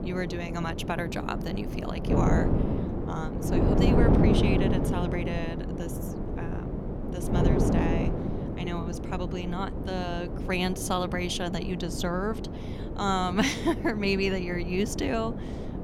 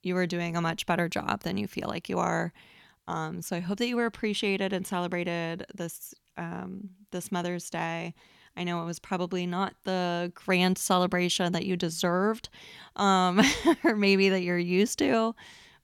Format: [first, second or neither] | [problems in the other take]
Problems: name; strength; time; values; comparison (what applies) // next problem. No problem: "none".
second | wind noise on the microphone; heavy; 3 dB below the speech